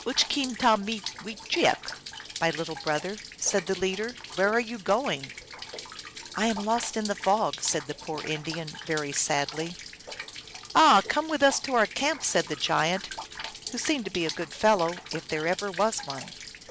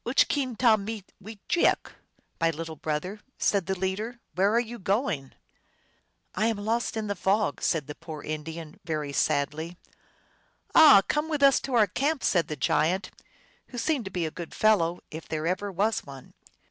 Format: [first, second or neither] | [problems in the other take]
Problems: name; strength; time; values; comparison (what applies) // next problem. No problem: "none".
second | background sound (Rain); 12 dB below the speech